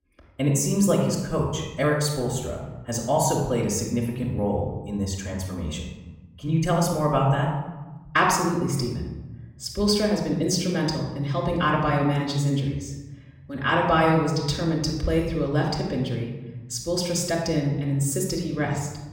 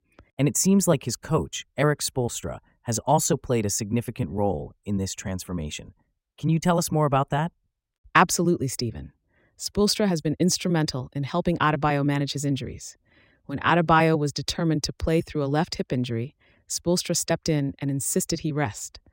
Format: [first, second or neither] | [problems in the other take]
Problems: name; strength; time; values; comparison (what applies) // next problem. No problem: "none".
second | off-mic speech; far // room echo; noticeable; dies away in 1 s